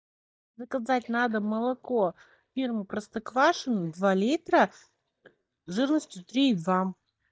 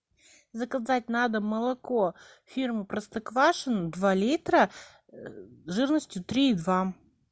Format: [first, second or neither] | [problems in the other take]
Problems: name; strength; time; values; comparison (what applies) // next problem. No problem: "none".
second | noise reduction (neural mask model DeepFilterNet 3)